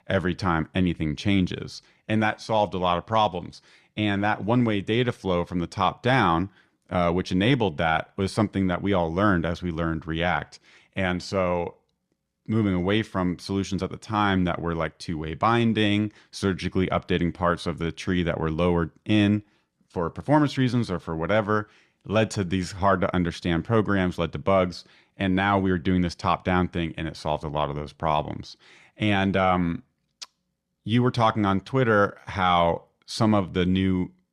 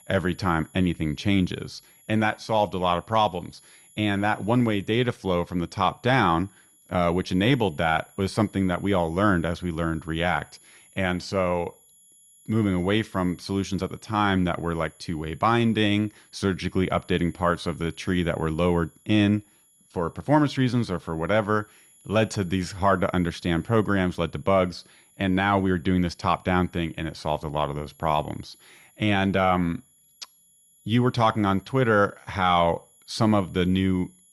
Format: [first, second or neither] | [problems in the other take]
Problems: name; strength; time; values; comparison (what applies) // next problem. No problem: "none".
first | high-pitched whine; faint; throughout; 11 kHz, 30 dB below the speech